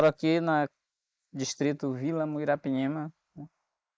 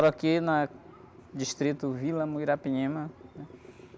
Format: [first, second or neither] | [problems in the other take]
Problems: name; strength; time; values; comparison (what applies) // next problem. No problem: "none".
second | noise reduction (neural mask model Resemble Enhance denoiser)